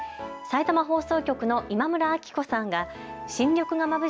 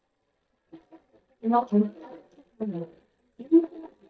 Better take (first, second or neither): first